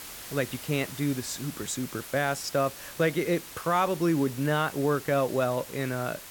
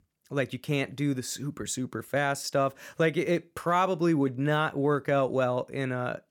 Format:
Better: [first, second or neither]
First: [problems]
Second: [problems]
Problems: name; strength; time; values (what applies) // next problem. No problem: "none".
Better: second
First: hiss; noticeable; throughout; 10 dB below the speech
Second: none